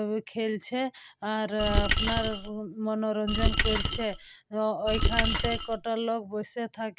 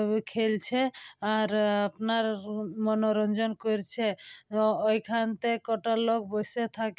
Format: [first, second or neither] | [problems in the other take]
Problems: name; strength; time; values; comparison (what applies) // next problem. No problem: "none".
second | background sound (Coin (dropping)); 3 dB above the speech